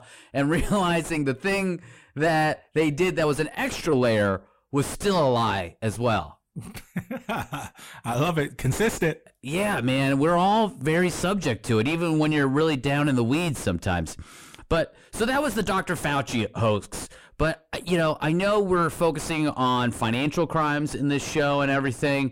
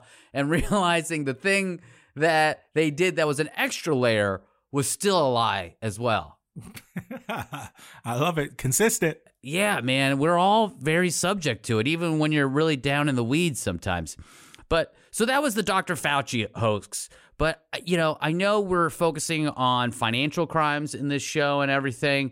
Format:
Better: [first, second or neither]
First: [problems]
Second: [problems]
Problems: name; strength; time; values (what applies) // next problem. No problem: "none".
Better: second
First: distortion; heavy; 5 dB below the speech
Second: none